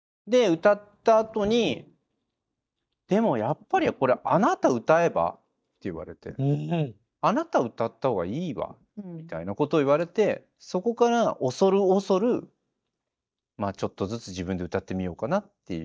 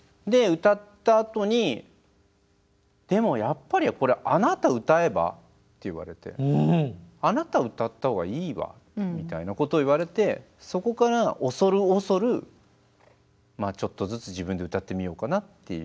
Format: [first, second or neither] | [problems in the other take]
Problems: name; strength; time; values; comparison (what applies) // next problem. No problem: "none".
second | noise reduction (neural mask model DeepFilterNet 3)